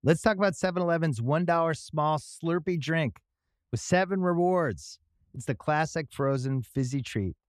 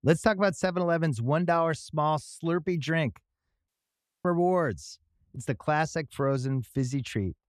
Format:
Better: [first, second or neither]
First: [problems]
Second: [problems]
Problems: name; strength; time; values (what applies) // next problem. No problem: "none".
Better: first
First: none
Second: audio cutting out; at 3.5 s for 0.5 s